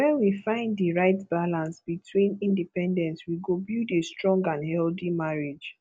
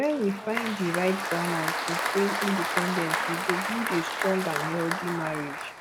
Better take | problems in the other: first | background sound (Applause); 1 dB below the speech

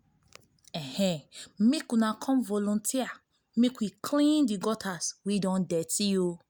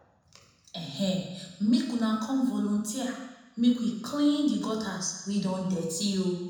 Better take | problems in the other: first | room echo; dies away in 1 s

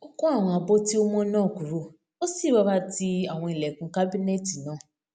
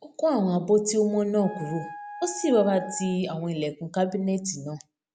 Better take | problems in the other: first | background sound (Wind instrument, woodwind instrument); 16 dB below the speech

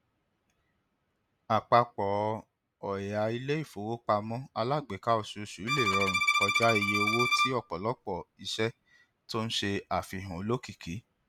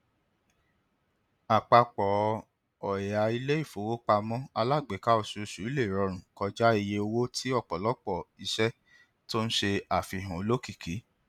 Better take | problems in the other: second | background sound (Bowed string instrument); 3 dB above the speech

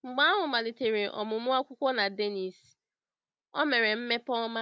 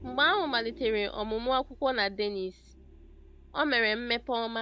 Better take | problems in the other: first | background sound (Vehicle); 19 dB below the speech

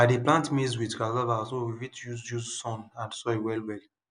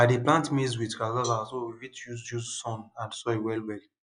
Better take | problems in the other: first | noise reduction (classical method log-MMSE)

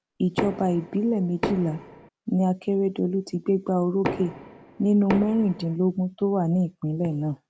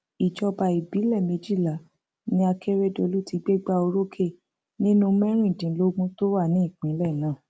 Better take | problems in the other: second | background sound (Knock); 9 dB below the speech

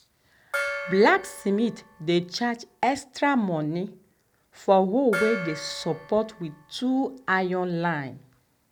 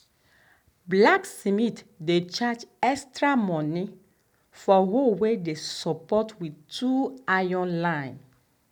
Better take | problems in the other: second | background sound (Gong); 11 dB below the speech

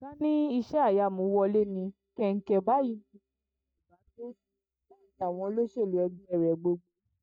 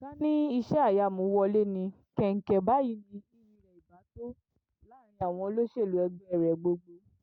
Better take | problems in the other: second | noise reduction (neural mask model DeepFilterNet 3)

